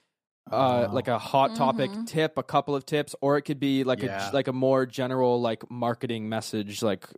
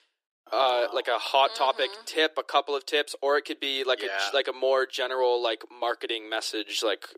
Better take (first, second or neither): first